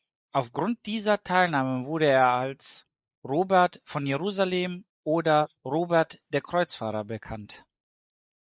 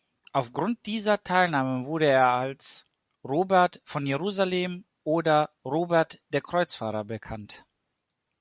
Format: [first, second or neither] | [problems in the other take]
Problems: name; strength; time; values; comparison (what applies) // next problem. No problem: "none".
second | noise reduction (neural mask model Resemble Enhance denoiser)